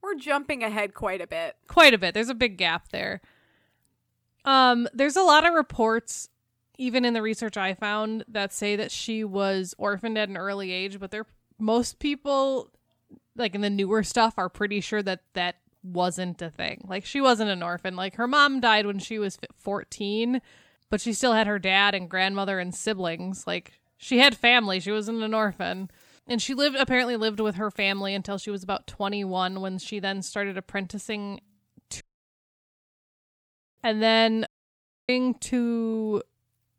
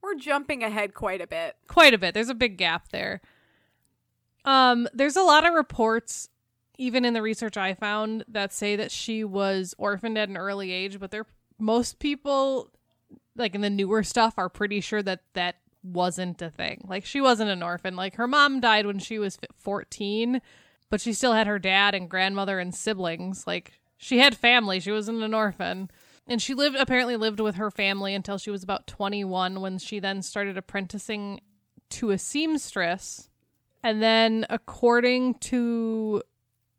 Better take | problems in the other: second | audio cutting out; at 32 s for 2 s and at 34 s for 0.5 s

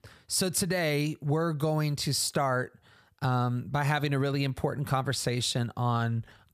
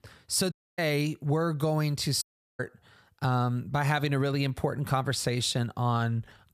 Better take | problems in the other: first | audio cutting out; at 0.5 s and at 2 s

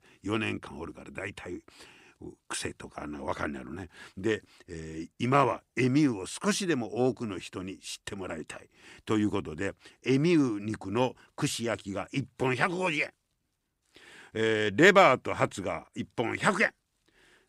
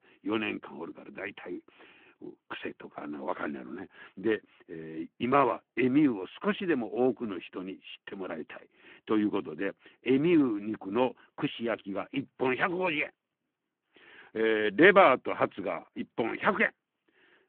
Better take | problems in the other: first | phone-call audio

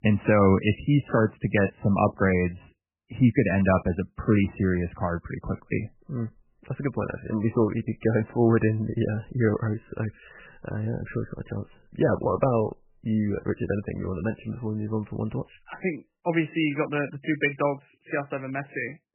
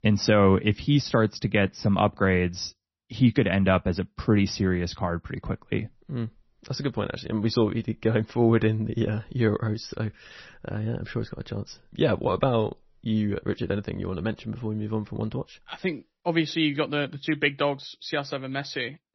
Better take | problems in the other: second | garbled, watery; badly; nothing above 3 kHz; slightly in the second

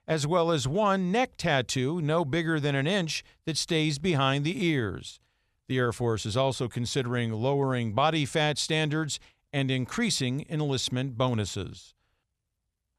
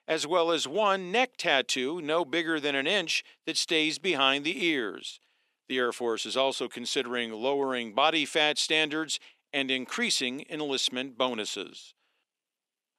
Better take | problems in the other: first | thin; somewhat; fading below 250 Hz

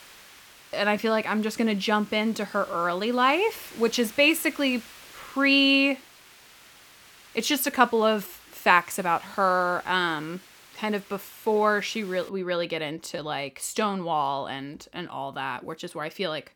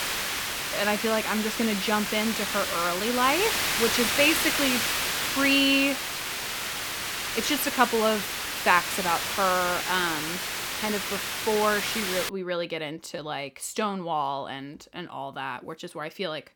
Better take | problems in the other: first | hiss; loud; until 12 s; 1 dB below the speech; faint in the first

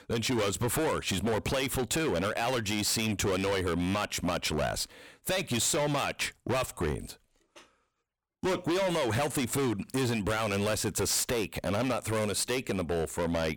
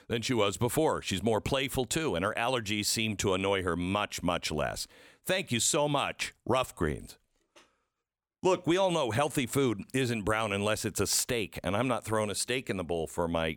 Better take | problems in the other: second | distortion; heavy; 21% of the sound clipped

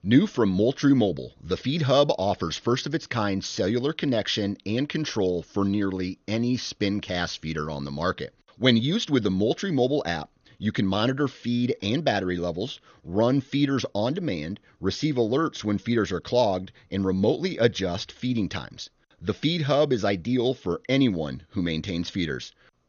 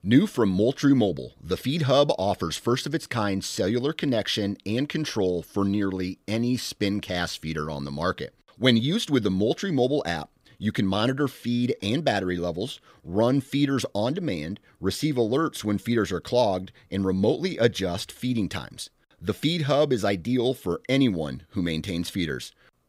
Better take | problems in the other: second | garbled, watery; slightly; nothing above 6.5 kHz

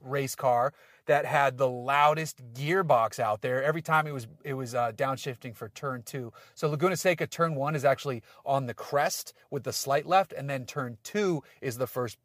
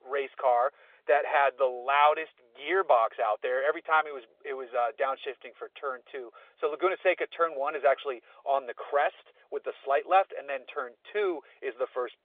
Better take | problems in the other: first | phone-call audio; nothing above 3.5 kHz

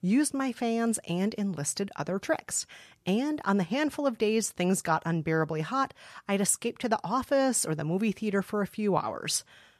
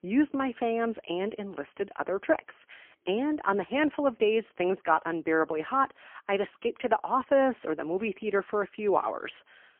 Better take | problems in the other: first | phone-call audio; poor line; nothing above 3 kHz

